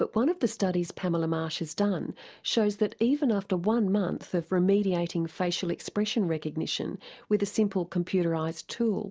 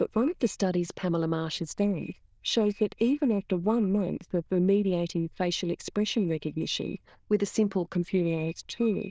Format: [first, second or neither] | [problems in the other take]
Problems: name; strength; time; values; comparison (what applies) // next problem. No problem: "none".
first | noise reduction (neural diffusion model UNIVERSE++)